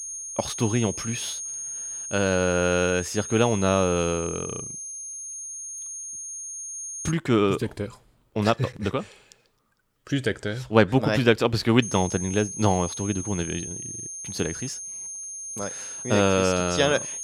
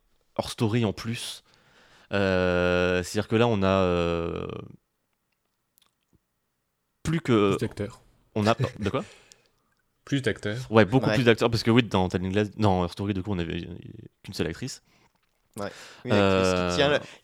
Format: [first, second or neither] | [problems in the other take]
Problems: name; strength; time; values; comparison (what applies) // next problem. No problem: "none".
second | high-pitched whine; loud; until 7 s and from 12 s on; 6.5 kHz, 8 dB below the speech